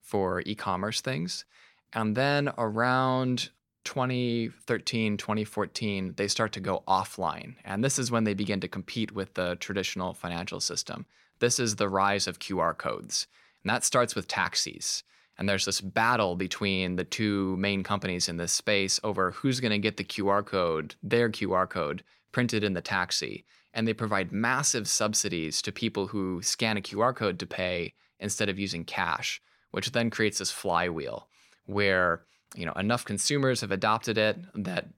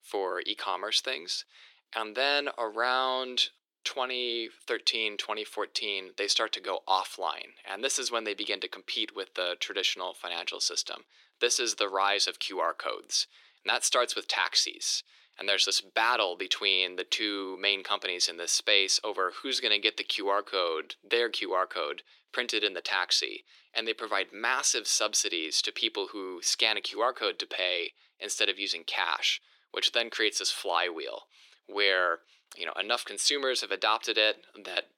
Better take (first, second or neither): first